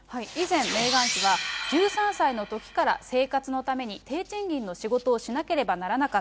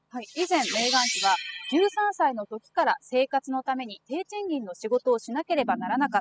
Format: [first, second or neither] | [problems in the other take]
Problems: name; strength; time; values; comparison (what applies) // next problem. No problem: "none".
first | noise reduction (classical method spectral subtraction)